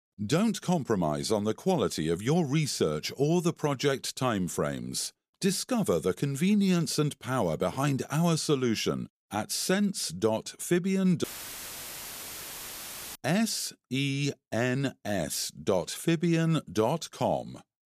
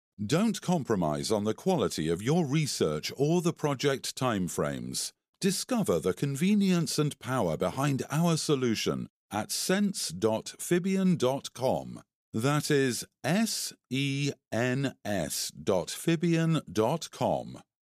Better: second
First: audio cutting out; filled with static; at 11 s for 2 s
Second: none

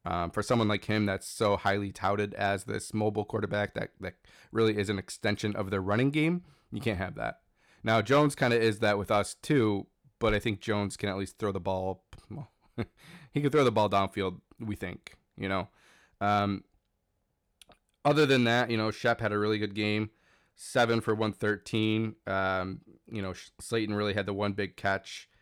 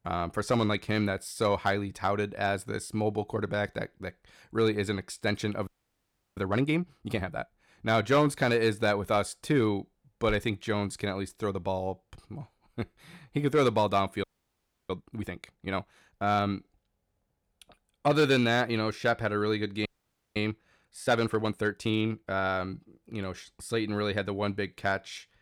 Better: first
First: none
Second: audio freezing; at 5.5 s for 0.5 s, at 14 s for 0.5 s and at 20 s for 0.5 s

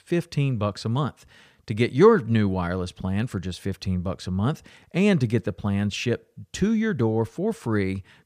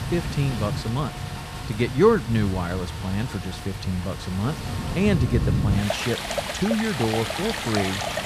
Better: first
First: none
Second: rain or running water; loud; throughout; 3 dB below the speech

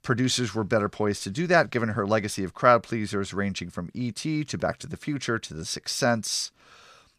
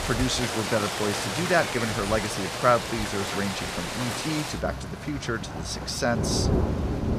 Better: first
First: none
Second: rain or running water; loud; throughout; 2 dB below the speech

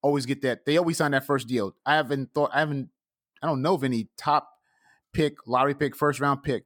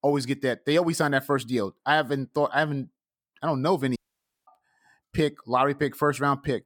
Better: first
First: none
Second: audio cutting out; at 4 s for 0.5 s

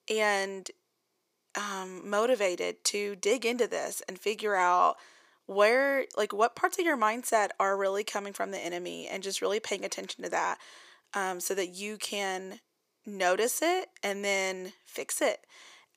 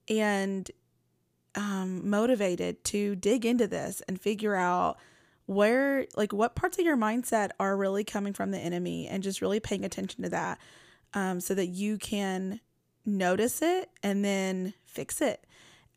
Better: second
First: thin; somewhat; fading below 500 Hz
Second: none

